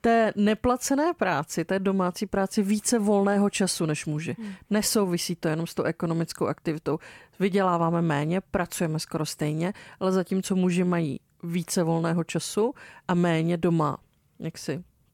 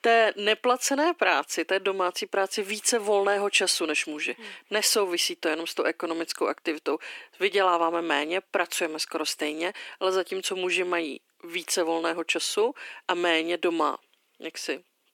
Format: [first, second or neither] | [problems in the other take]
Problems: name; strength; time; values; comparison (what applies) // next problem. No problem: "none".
first | thin; very; fading below 300 Hz